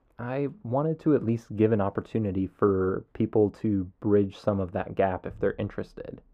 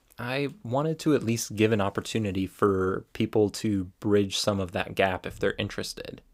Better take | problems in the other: second | muffled; very; fading above 2.5 kHz

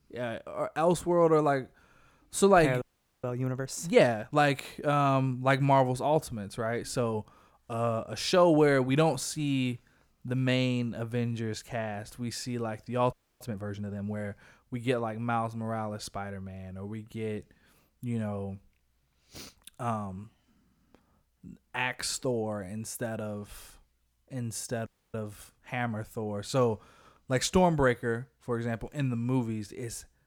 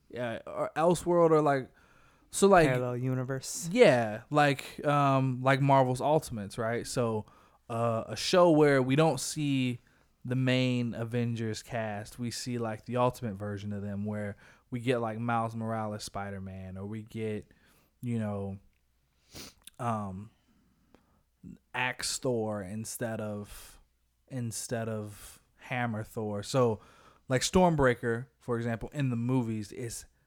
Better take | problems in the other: second | audio freezing; at 3 s, at 13 s and at 25 s

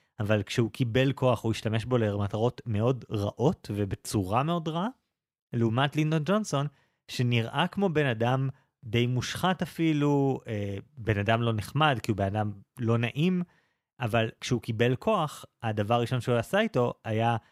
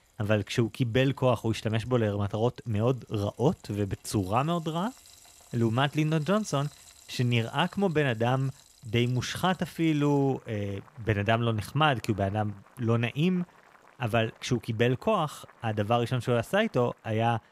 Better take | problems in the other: first | household noises; faint; throughout; 25 dB below the speech

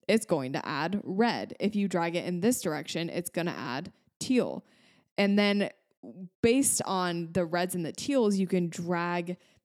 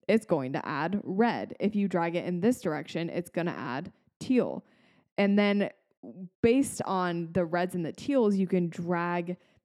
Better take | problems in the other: first | muffled; slightly; fading above 3.5 kHz

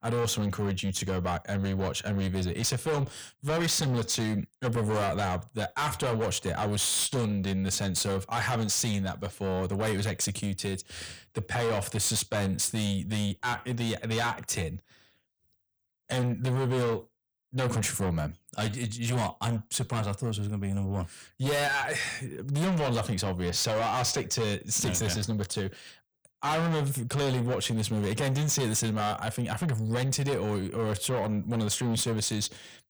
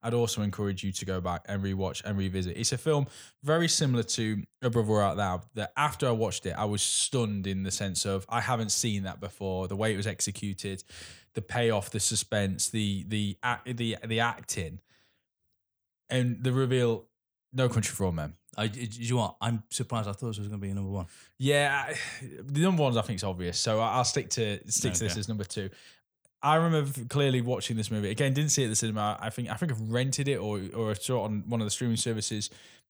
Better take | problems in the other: second | distortion; heavy; 7 dB below the speech

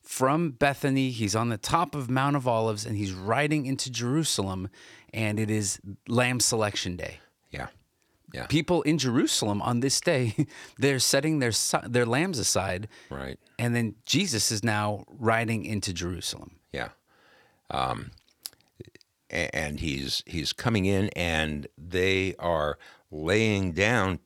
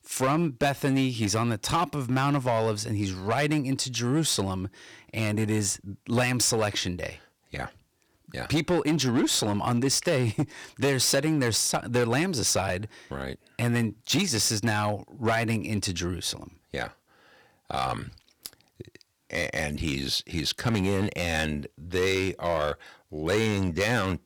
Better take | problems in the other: first | distortion; slight; 6% of the sound clipped

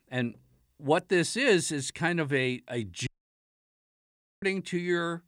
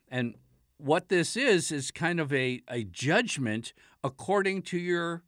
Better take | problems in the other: second | audio cutting out; at 3 s for 1.5 s

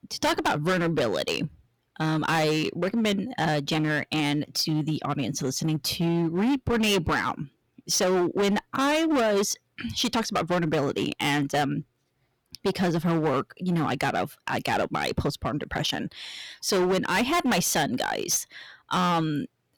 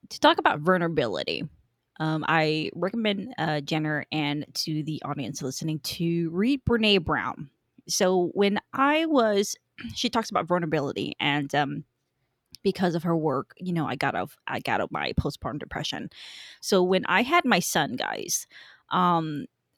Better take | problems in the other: second | distortion; heavy; 15% of the sound clipped

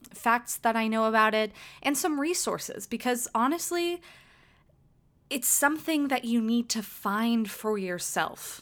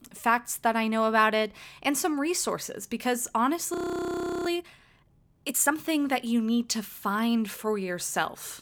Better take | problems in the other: first | audio freezing; at 3.5 s for 0.5 s

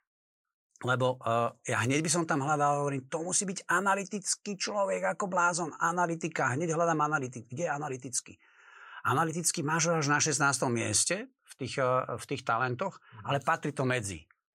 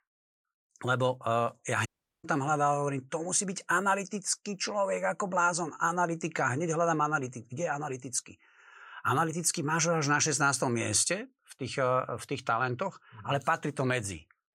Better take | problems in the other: first | audio cutting out; at 2 s

